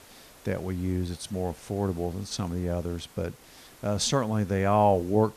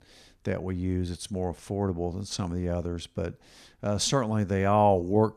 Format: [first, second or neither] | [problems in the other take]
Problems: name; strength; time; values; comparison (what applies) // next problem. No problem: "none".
second | hiss; faint; throughout; 25 dB below the speech